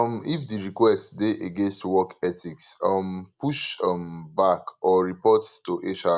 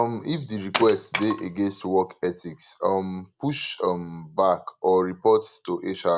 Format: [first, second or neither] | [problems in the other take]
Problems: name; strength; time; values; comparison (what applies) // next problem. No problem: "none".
first | background sound (Wood); 8 dB below the speech